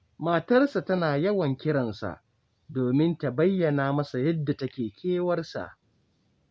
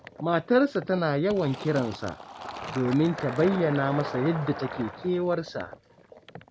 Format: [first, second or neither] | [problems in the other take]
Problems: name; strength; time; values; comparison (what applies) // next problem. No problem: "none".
first | background sound (Fill (with liquid)); 12 dB below the speech